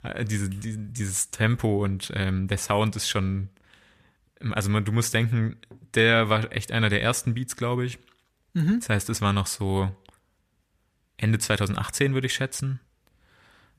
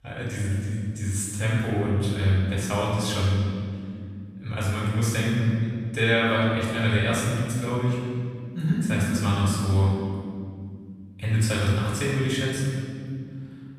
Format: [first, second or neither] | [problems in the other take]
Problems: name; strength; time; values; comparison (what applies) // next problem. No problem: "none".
first | off-mic speech; far // room echo; strong; dies away in 2.5 s